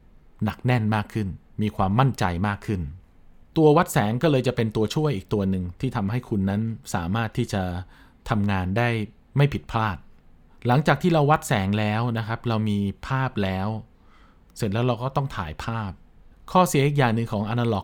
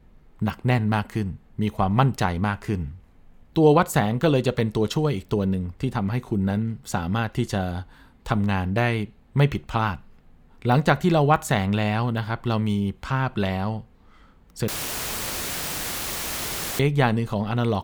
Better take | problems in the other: first | audio cutting out; filled with static; at 15 s for 2 s

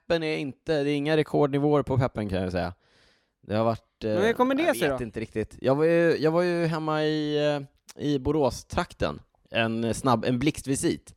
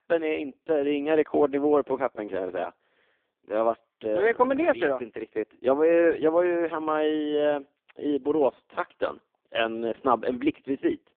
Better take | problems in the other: first | phone-call audio; poor line

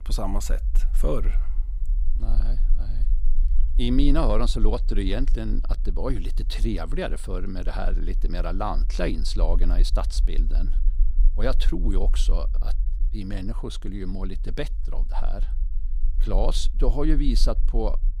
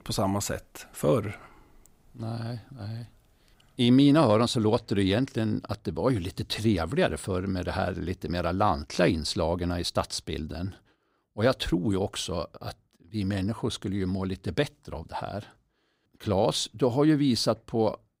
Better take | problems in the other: second | low rumble; faint; throughout; 20 dB below the speech

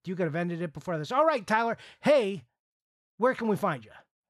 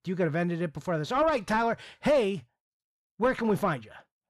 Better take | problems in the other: first | distortion; slight; 10 dB below the speech

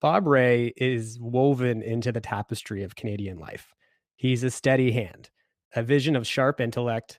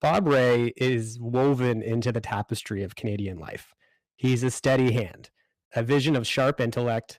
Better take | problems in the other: first | distortion; slight; 5% of the sound clipped

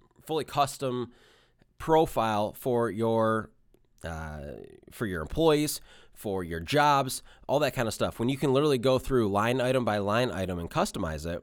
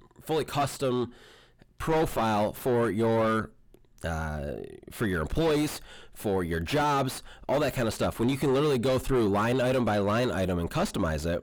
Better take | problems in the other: first | distortion; heavy; 6 dB below the speech

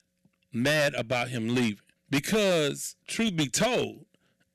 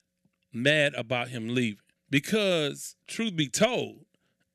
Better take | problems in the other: second | distortion; heavy; 9% of the sound clipped

